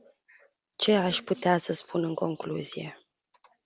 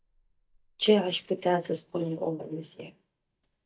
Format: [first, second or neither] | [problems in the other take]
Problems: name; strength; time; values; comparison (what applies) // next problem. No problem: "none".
first | noise reduction (neural mask model DeepFilterNet 3)